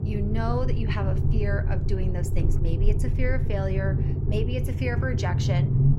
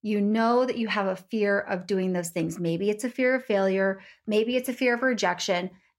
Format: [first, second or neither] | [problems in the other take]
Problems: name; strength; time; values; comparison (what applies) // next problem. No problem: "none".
second | low rumble; loud; throughout; 5 dB below the speech